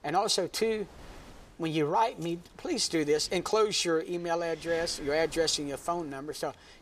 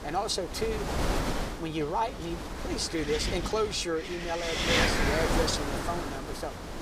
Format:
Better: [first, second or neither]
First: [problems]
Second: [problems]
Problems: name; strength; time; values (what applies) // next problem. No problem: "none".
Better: first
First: wind noise on the microphone; occasional gusts; 20 dB below the speech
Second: wind noise on the microphone; heavy; as loud as the speech